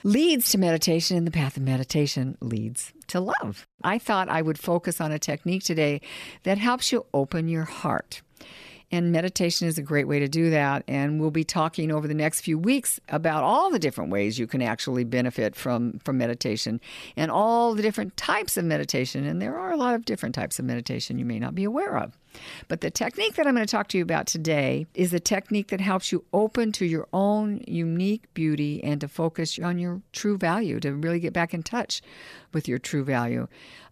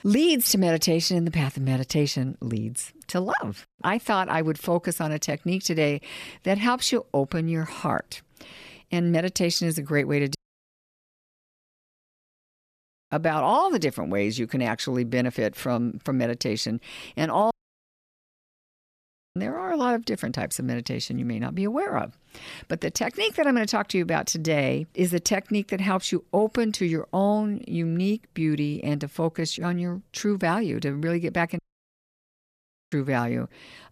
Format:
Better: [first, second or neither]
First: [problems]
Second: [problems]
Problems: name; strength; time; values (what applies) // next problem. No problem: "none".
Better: first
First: none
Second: audio cutting out; at 10 s for 3 s, at 18 s for 2 s and at 32 s for 1.5 s